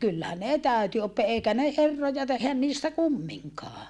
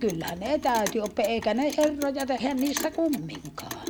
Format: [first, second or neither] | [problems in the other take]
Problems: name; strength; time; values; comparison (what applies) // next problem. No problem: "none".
first | background sound (Clock); 12 dB below the speech